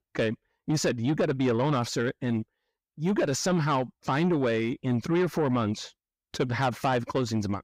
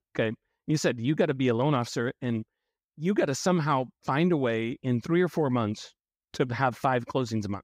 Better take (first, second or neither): second